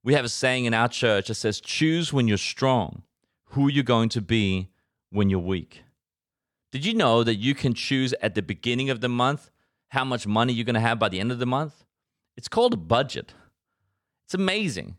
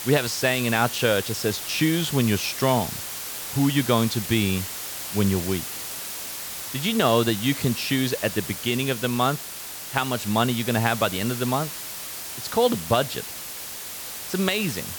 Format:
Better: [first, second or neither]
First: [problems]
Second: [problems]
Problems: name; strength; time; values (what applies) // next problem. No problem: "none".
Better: first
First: none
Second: hiss; loud; throughout; 7 dB below the speech